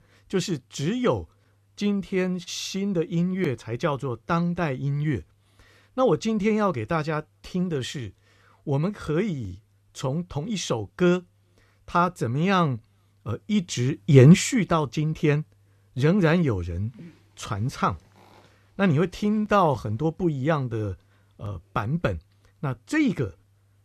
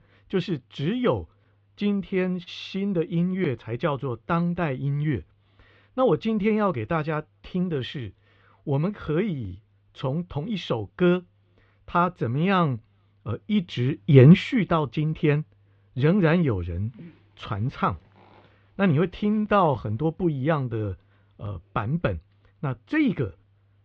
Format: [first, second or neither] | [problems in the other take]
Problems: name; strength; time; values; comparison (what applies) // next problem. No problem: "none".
first | muffled; slightly; fading above 3.5 kHz